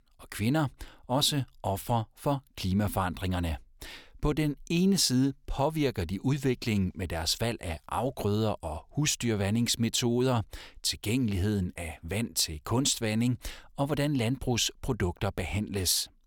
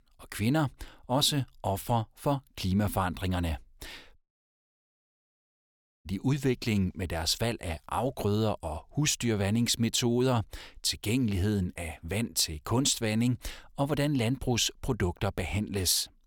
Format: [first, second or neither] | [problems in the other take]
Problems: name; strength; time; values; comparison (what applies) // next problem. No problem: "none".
first | audio cutting out; at 4 s for 2 s